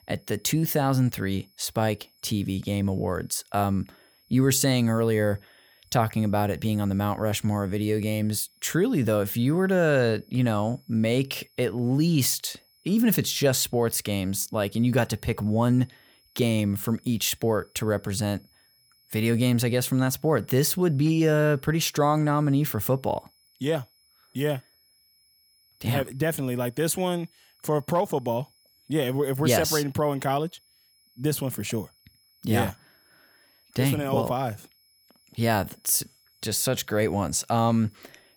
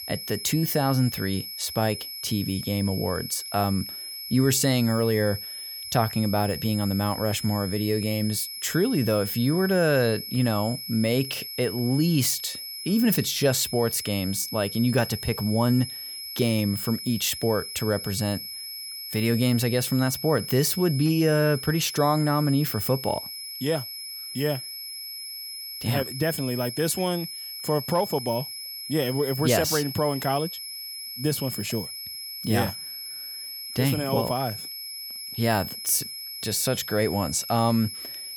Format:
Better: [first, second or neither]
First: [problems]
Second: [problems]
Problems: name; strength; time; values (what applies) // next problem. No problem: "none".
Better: first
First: high-pitched whine; faint; throughout; 5 kHz, 35 dB below the speech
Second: high-pitched whine; loud; throughout; 5 kHz, 8 dB below the speech